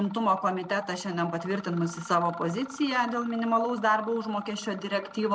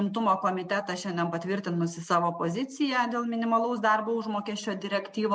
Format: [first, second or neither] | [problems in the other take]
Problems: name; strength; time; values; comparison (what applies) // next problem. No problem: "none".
second | background sound (Mechanisms); 18 dB below the speech